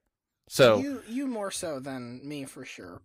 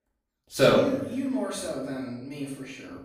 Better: first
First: none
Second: off-mic speech; far // room echo; noticeable; dies away in 0.6 s

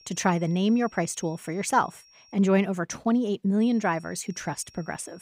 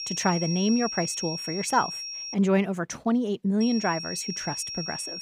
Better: first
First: high-pitched whine; faint; until 2.5 s and from 3.5 s on; 5.5 kHz, 25 dB below the speech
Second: high-pitched whine; loud; until 2.5 s and from 3.5 s on; 5.5 kHz, 6 dB below the speech

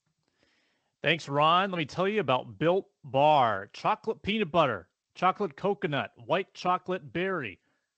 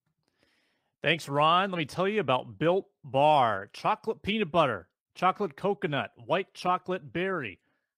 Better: second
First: garbled, watery; slightly; nothing above 7.5 kHz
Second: none

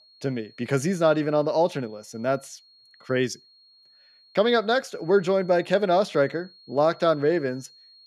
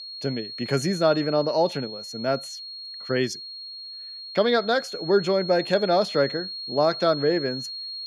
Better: first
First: high-pitched whine; faint; throughout; 4.5 kHz, 30 dB below the speech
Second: high-pitched whine; loud; throughout; 4.5 kHz, 9 dB below the speech

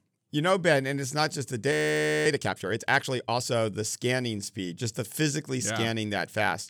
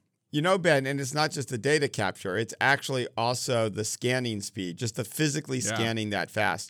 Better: second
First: audio freezing; at 1.5 s for 0.5 s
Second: none

